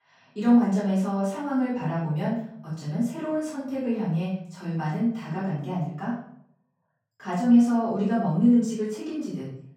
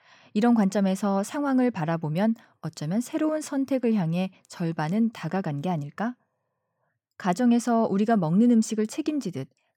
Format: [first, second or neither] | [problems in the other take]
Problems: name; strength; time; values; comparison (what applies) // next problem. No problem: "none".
second | off-mic speech; far // room echo; noticeable; dies away in 0.6 s